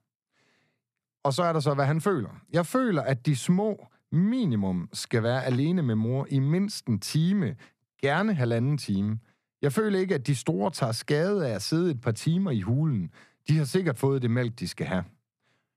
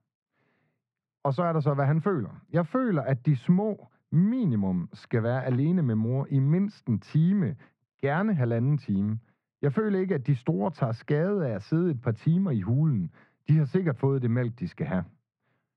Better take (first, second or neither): first